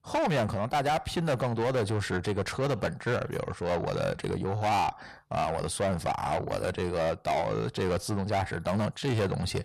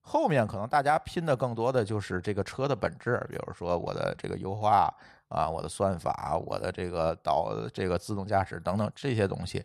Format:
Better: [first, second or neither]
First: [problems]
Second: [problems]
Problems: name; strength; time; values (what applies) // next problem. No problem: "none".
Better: second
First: distortion; heavy; 6 dB below the speech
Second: none